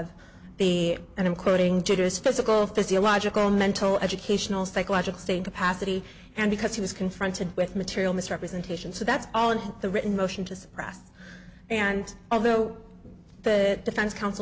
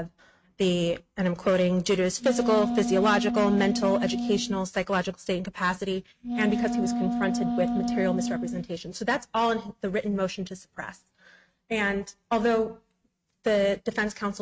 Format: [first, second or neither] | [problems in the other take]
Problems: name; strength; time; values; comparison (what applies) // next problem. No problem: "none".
first | noise reduction (neural mask model RNNoise)